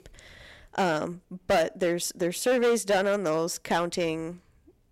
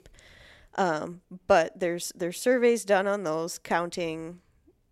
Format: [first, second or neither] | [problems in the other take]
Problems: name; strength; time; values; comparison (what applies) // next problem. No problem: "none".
second | distortion; heavy; 8% of the sound clipped